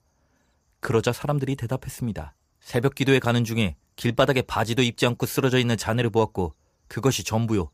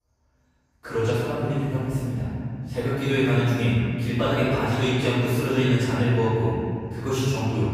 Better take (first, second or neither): first